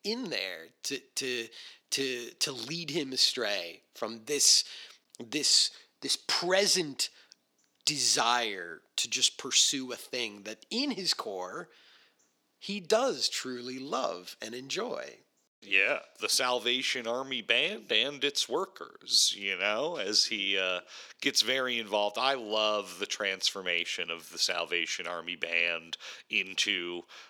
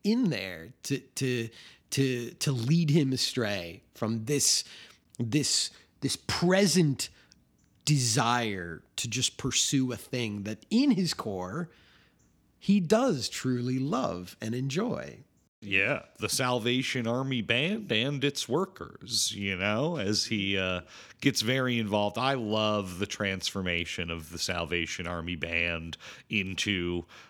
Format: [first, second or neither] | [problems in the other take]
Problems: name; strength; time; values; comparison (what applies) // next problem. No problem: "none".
second | thin; somewhat; fading below 500 Hz